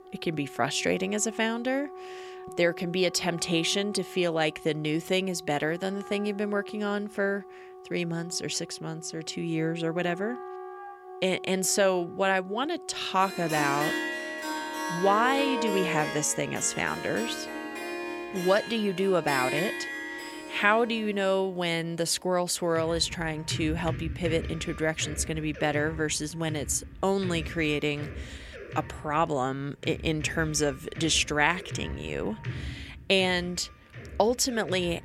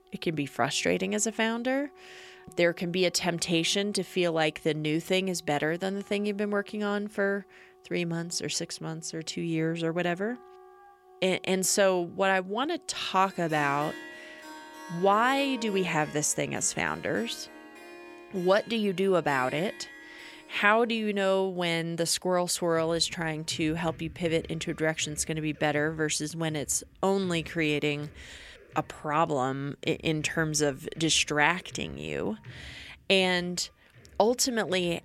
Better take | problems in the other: second | background music; loud; throughout; 10 dB below the speech; faint in the second

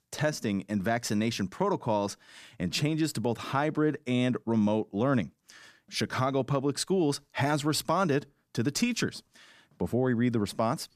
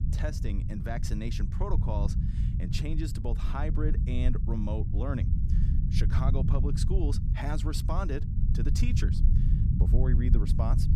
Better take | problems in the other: first | low rumble; loud; throughout; 4 dB below the speech

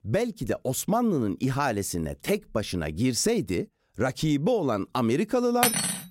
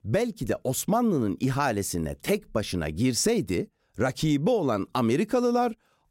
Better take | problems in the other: second | clattering dishes; loud; at 5.5 s; peak 3 dB above the speech

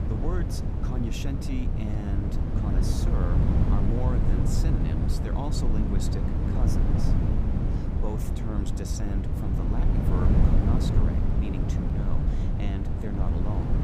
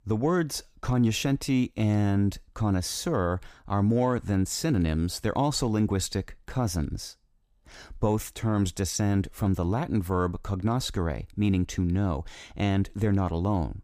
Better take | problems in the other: second | wind noise on the microphone; heavy; 2 dB above the speech

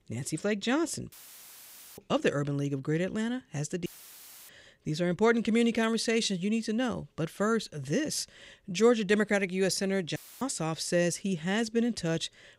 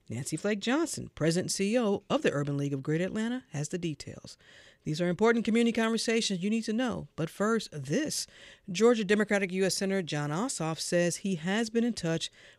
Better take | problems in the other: second | audio cutting out; filled with static; at 1 s for 1 s, at 4 s for 0.5 s and at 10 s

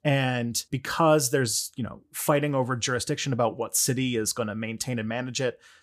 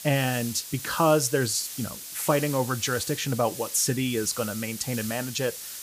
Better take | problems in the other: first | hiss; loud; throughout; 9 dB below the speech

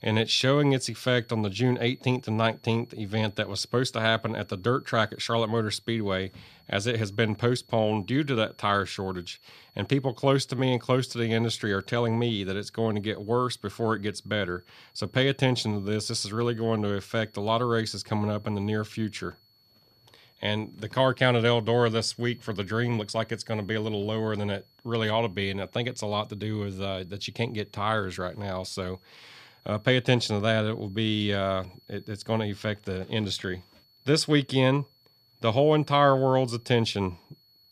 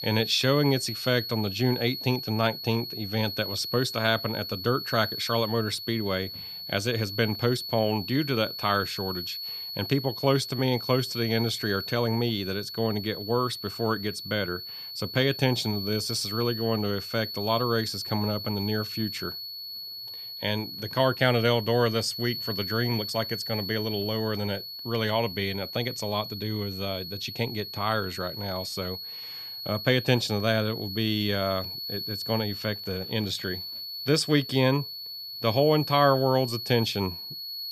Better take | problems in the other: first | high-pitched whine; loud; throughout; 4.5 kHz, 7 dB below the speech; faint in the first

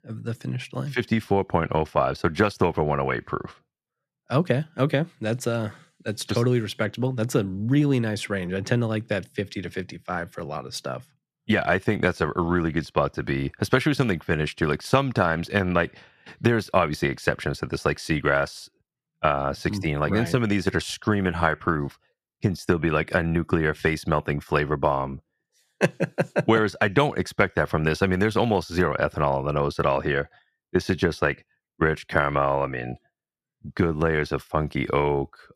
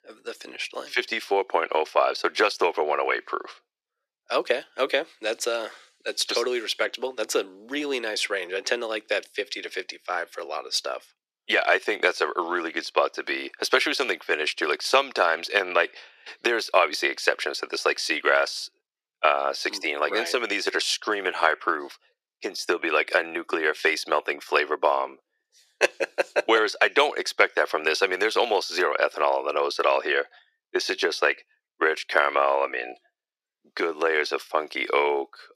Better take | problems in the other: first | thin; very; fading below 400 Hz

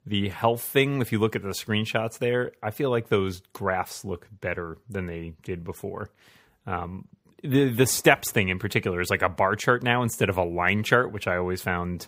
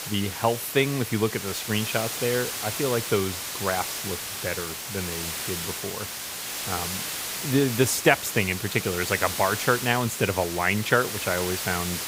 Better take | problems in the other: first | hiss; loud; throughout; 4 dB below the speech

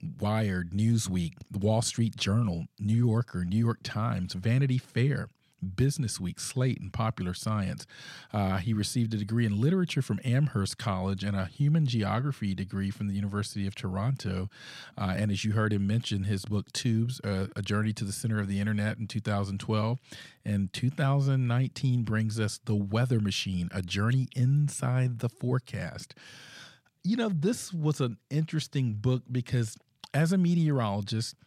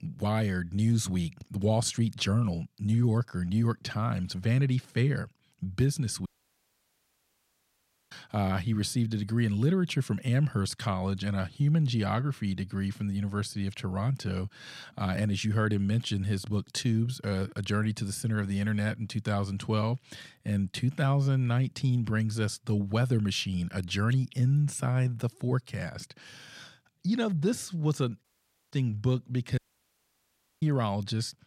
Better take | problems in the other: first | audio cutting out; at 6.5 s for 2 s, at 28 s and at 30 s for 1 s

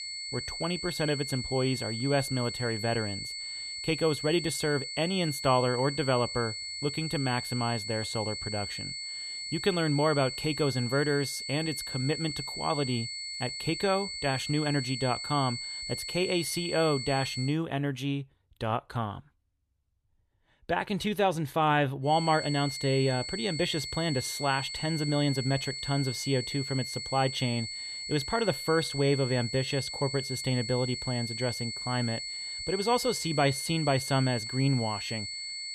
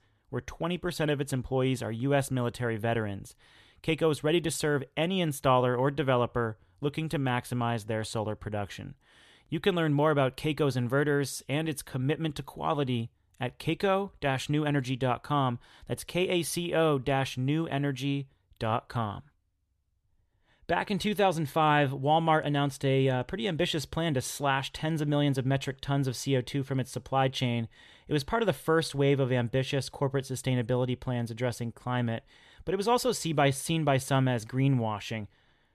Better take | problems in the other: second | high-pitched whine; loud; until 17 s and from 22 s on; 4.5 kHz, 5 dB below the speech

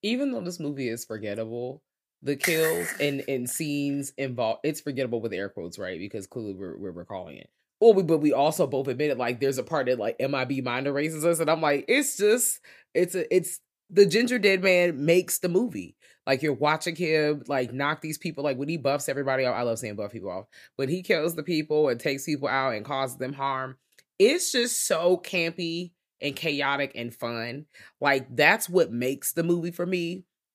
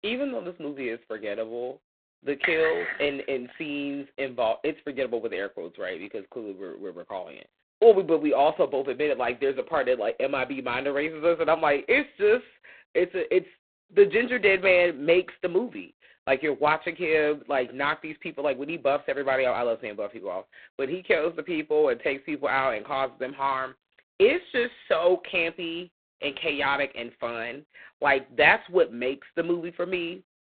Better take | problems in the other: first | phone-call audio; poor line; nothing above 4 kHz

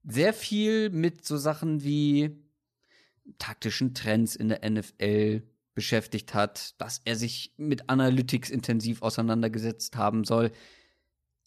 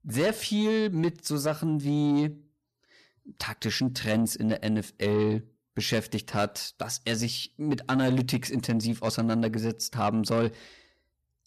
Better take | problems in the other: first | distortion; slight; 10 dB below the speech

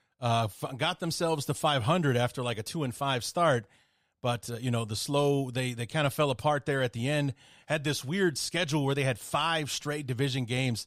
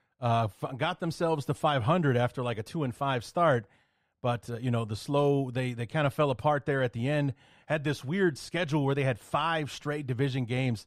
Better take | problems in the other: first | muffled; slightly; fading above 3 kHz

